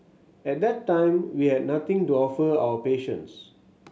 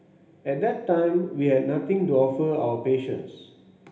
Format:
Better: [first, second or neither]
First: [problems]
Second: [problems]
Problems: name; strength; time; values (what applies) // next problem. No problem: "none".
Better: first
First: none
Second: room echo; dies away in 1.1 s